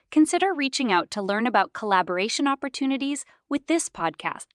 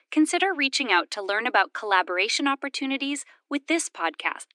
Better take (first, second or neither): first